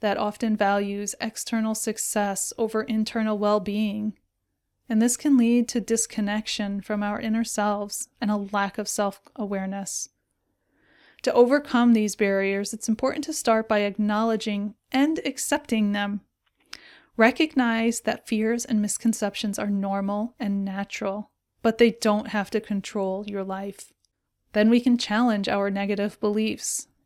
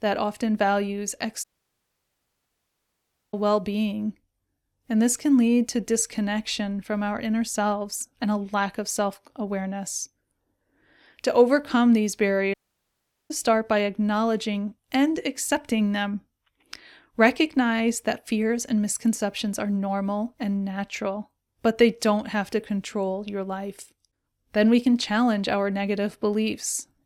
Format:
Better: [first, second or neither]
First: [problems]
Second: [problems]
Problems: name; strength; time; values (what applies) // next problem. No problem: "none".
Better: first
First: none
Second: audio cutting out; at 1.5 s for 2 s and at 13 s for 1 s